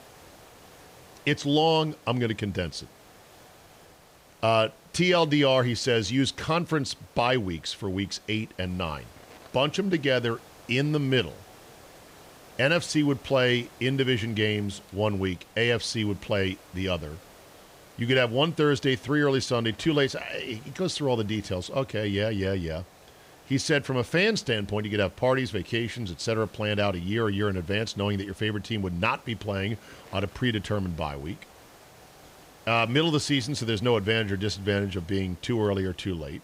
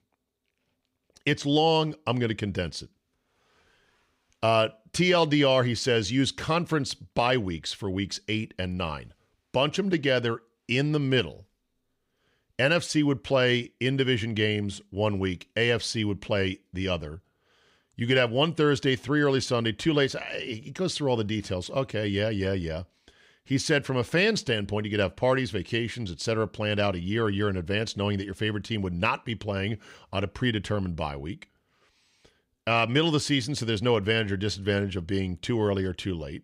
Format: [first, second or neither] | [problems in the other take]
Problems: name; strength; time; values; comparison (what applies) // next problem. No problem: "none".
second | hiss; faint; throughout; 25 dB below the speech